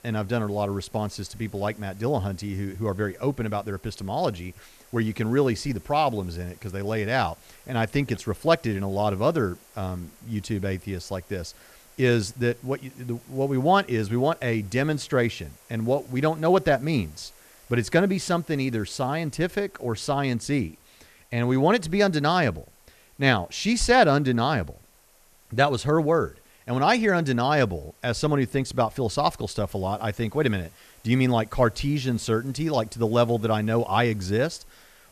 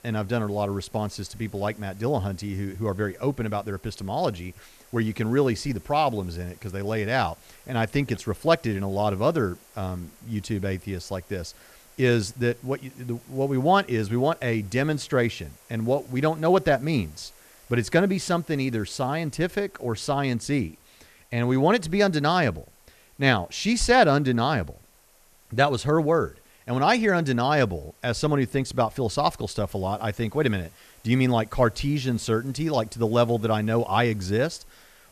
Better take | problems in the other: neither | hiss; faint; throughout; 30 dB below the speech; the same in both

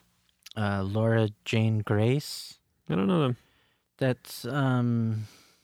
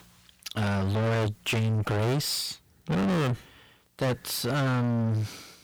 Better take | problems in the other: first | distortion; heavy; 5 dB below the speech

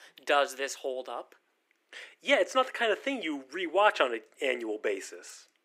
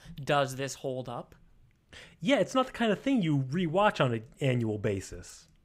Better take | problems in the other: second | thin; somewhat; fading below 300 Hz

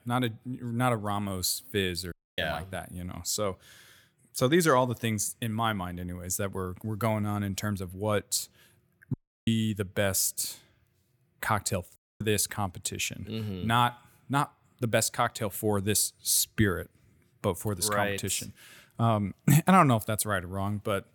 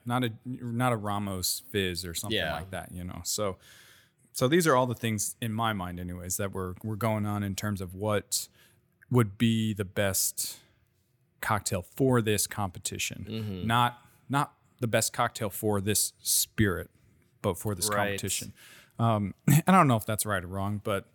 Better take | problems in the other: second | audio cutting out; at 2 s, at 9 s and at 12 s

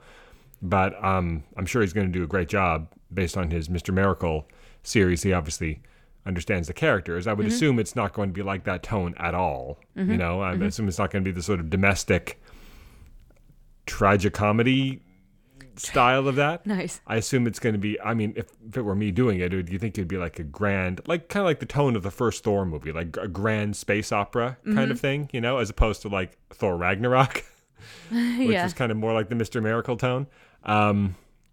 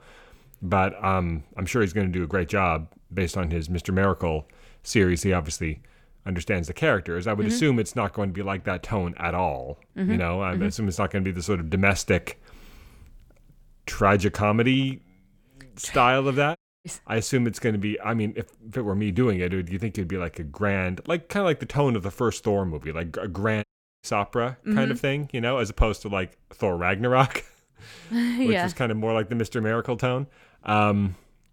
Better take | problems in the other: first | audio cutting out; at 17 s and at 24 s

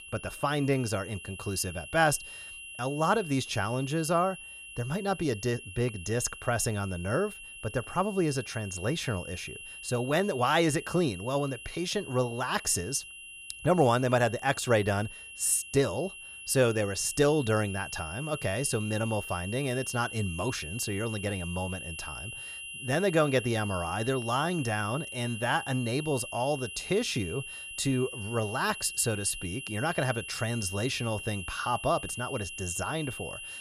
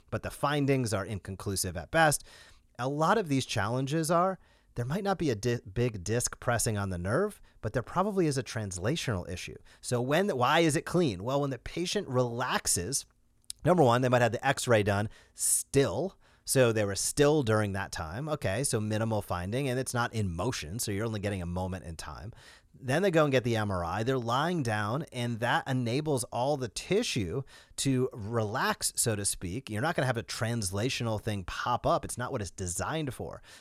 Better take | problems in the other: second | high-pitched whine; noticeable; throughout; 3 kHz, 10 dB below the speech

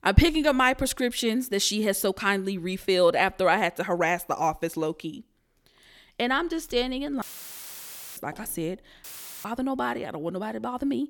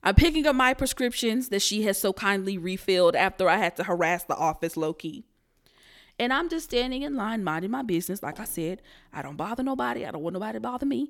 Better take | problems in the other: second | audio cutting out; filled with static; at 7 s for 1 s and at 9 s

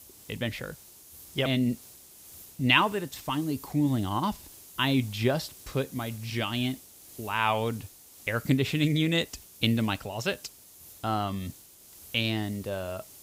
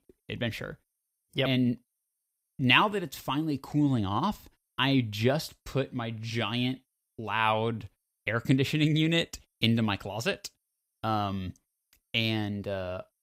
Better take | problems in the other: second | hiss; noticeable; throughout; 20 dB below the speech

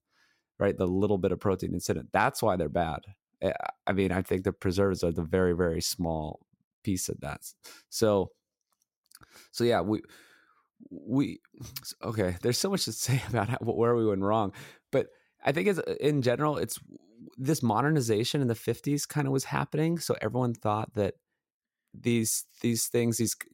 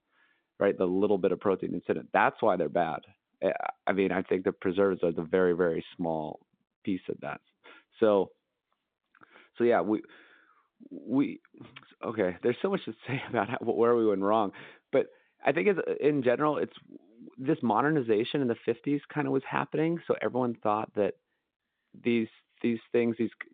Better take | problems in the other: first | phone-call audio; nothing above 3.5 kHz

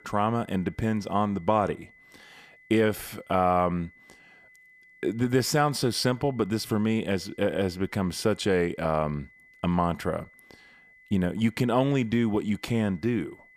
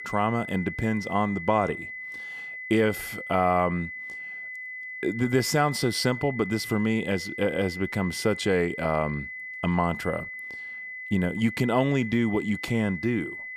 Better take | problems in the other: first | high-pitched whine; loud; throughout; 2 kHz, 9 dB below the speech; faint in the first

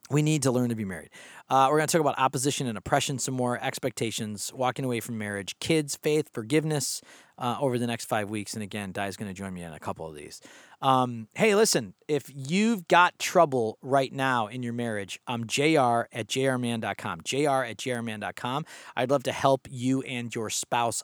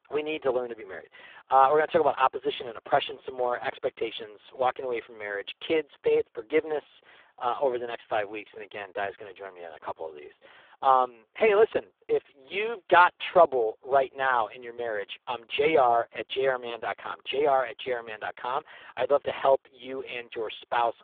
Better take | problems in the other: first | phone-call audio; poor line; nothing above 3.5 kHz

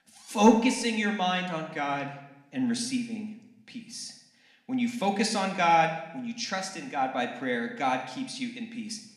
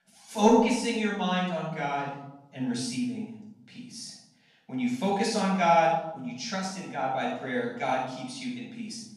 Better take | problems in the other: first | room echo; strong; dies away in 0.9 s; slight in the first // off-mic speech; far

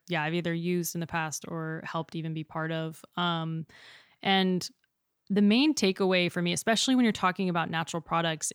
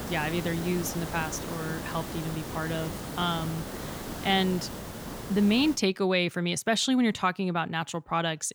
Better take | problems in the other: first | hiss; loud; until 6 s; 9 dB below the speech

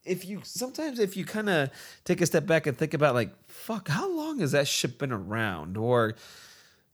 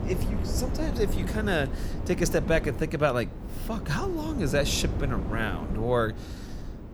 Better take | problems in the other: first | wind noise on the microphone; occasional gusts; 10 dB below the speech

